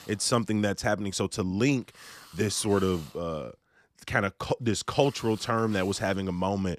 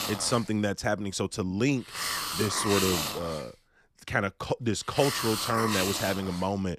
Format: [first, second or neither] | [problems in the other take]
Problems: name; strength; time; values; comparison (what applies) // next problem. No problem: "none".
first | hiss; loud; throughout; 2 dB below the speech; faint in the first